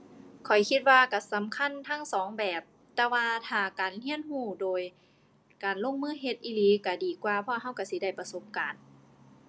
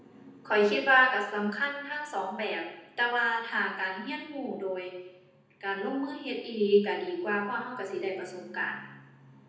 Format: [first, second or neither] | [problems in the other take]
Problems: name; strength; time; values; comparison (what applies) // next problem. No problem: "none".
first | room echo; dies away in 0.9 s